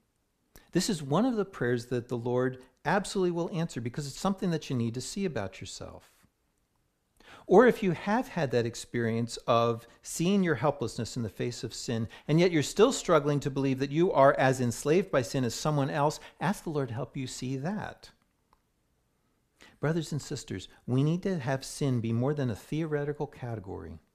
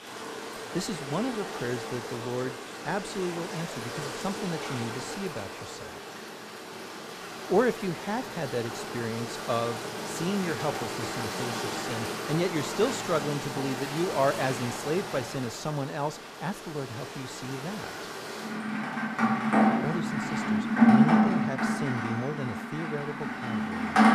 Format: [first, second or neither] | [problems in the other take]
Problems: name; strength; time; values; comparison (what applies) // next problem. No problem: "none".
first | rain or running water; very loud; throughout; 2 dB above the speech